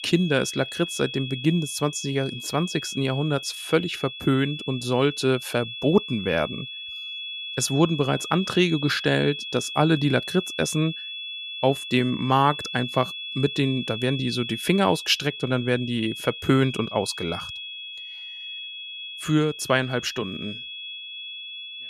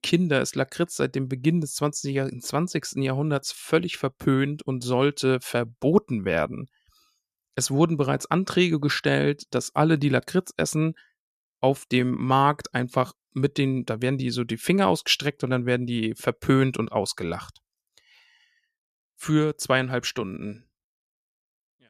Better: second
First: high-pitched whine; loud; throughout; 3.5 kHz, 9 dB below the speech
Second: none

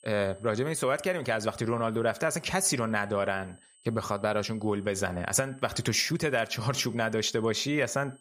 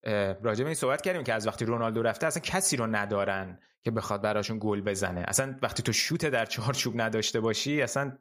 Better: second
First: high-pitched whine; faint; throughout; 8 kHz, 30 dB below the speech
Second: none

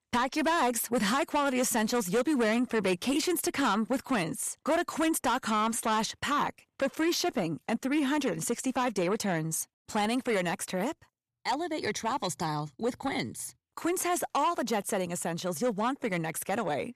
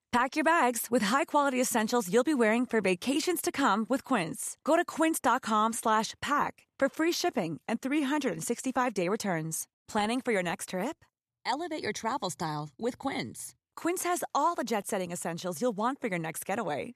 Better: second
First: distortion; slight; 10 dB below the speech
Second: none

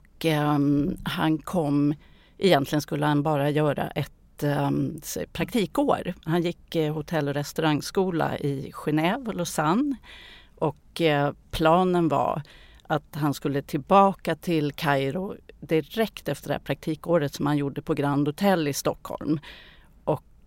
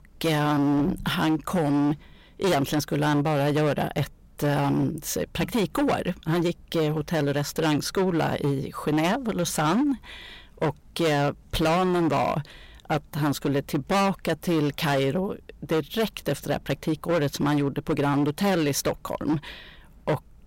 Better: first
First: none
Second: distortion; heavy; 16% of the sound clipped

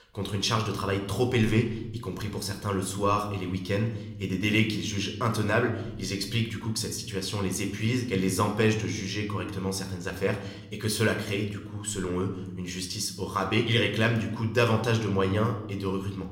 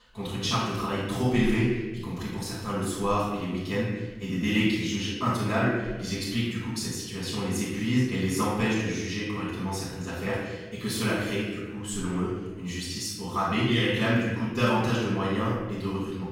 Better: first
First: room echo; slight; dies away in 0.8 s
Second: room echo; strong; dies away in 1.1 s // off-mic speech; far

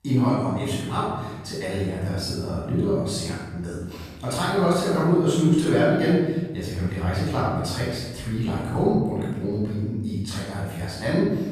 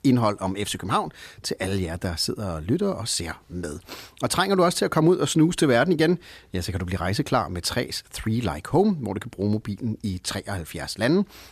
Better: second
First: off-mic speech; far // room echo; strong; dies away in 1.5 s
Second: none

